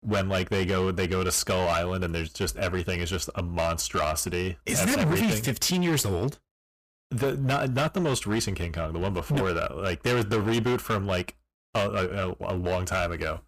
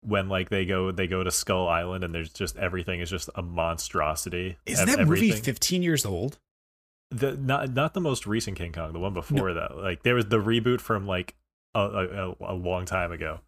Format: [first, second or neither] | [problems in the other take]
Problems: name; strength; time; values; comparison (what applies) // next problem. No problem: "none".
second | distortion; heavy; 14% of the sound clipped